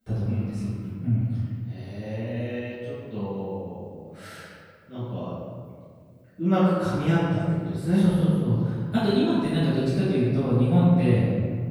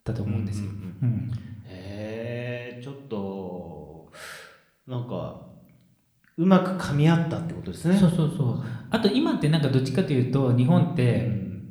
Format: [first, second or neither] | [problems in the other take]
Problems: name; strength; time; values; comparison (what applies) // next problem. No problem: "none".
second | room echo; strong; dies away in 1.9 s; slight in the second // off-mic speech; far